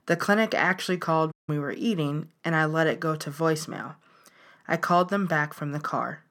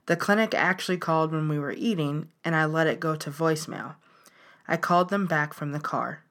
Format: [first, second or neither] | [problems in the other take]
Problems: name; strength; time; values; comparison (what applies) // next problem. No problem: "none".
second | audio cutting out; at 1.5 s